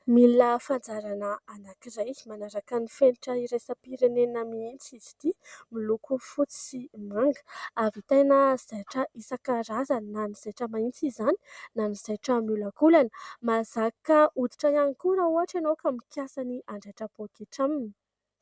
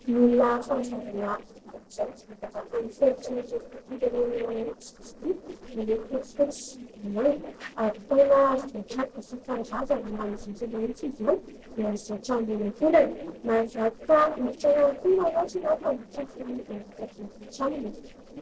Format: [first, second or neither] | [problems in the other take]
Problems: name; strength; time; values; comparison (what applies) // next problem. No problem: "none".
first | noise reduction (neural separator model SepFormer DNS4)